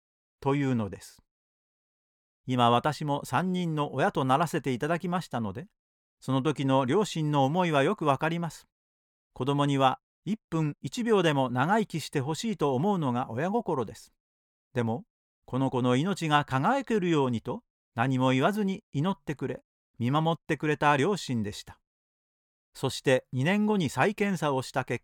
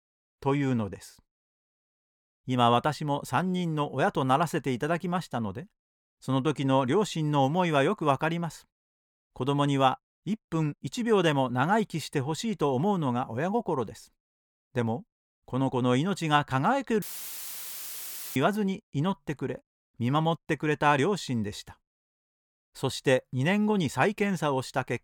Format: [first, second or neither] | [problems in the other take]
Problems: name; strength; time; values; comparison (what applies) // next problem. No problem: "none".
first | audio cutting out; filled with static; at 17 s for 1.5 s